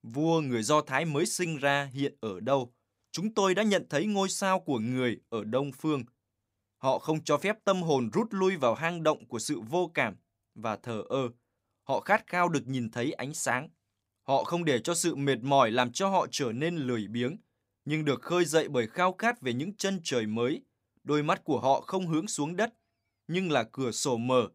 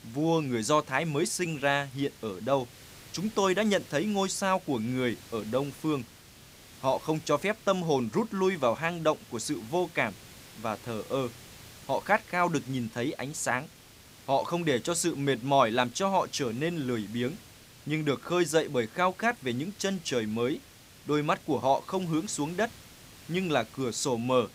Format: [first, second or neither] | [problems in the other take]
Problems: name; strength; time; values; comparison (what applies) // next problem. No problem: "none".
first | hiss; faint; throughout; 20 dB below the speech